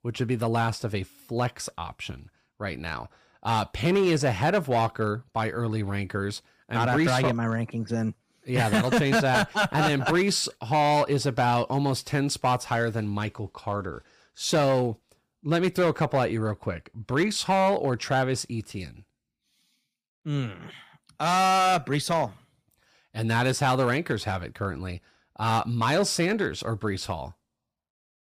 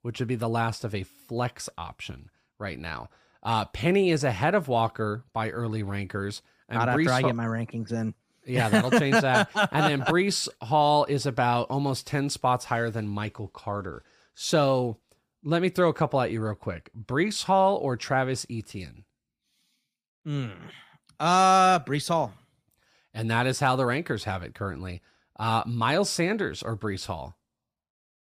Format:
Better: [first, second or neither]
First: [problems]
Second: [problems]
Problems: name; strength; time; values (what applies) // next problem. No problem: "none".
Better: second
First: distortion; slight; 5% of the sound clipped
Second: none